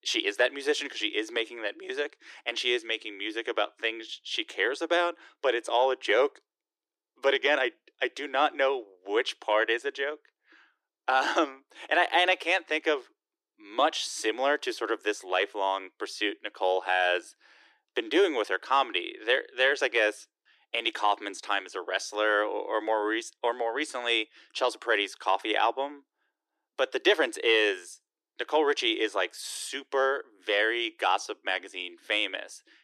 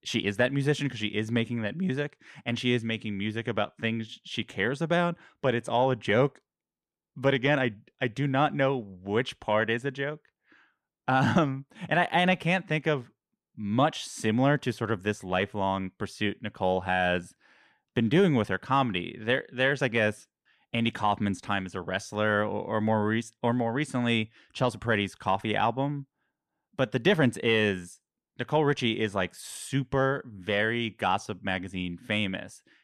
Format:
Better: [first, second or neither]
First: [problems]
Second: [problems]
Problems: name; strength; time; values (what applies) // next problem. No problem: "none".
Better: second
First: thin; very; fading below 300 Hz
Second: none